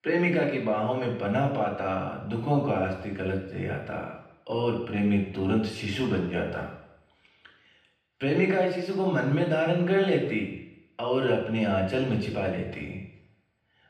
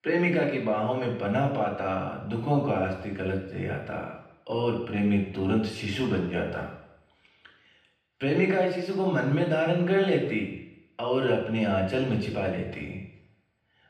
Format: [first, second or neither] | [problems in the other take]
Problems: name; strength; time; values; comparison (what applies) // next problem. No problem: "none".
neither | room echo; noticeable; dies away in 0.8 s; the same in both // off-mic speech; far; the same in both